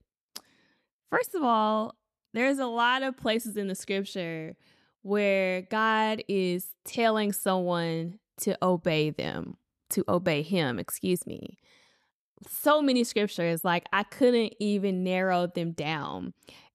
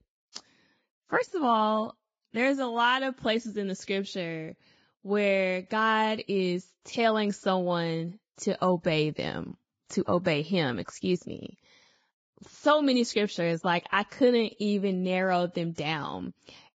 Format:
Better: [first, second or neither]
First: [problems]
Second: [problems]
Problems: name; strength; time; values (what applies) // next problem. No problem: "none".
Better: first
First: none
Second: garbled, watery; badly; nothing above 7.5 kHz